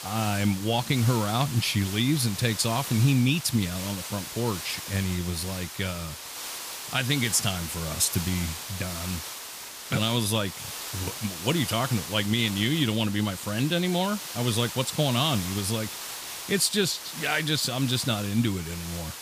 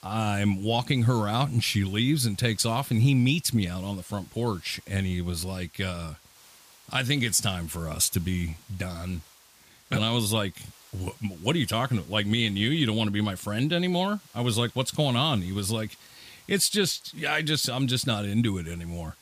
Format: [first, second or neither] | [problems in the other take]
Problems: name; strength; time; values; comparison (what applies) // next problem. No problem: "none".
second | hiss; loud; throughout; 8 dB below the speech; faint in the second